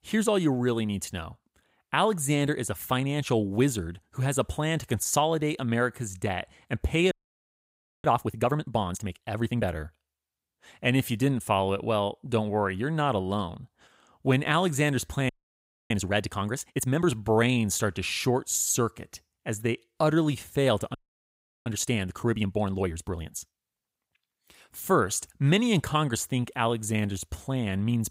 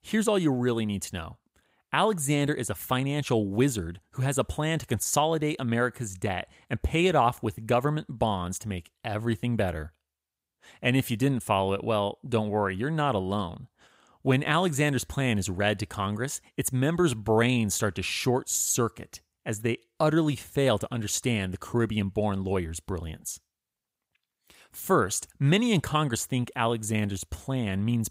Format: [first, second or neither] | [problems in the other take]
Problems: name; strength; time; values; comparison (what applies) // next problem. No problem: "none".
second | audio freezing; at 7 s for 1 s, at 15 s for 0.5 s and at 21 s for 0.5 s